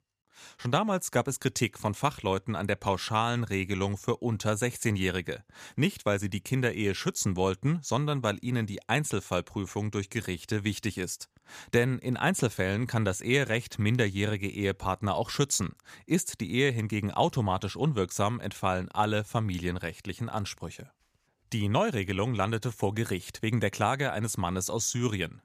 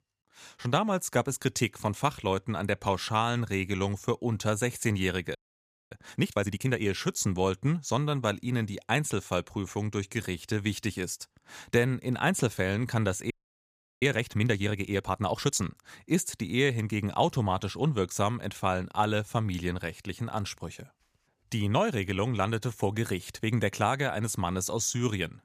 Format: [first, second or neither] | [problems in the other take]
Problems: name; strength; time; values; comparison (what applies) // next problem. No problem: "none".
first | audio freezing; at 5.5 s for 0.5 s and at 13 s for 0.5 s